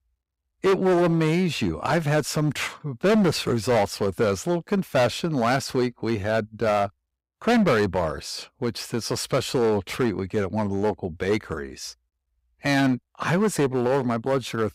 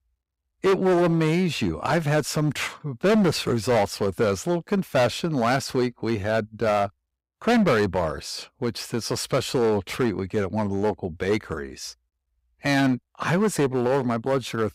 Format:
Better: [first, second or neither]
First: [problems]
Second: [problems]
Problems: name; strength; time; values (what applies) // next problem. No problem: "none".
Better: neither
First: distortion; heavy; 8% of the sound clipped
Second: distortion; heavy; 8% of the sound clipped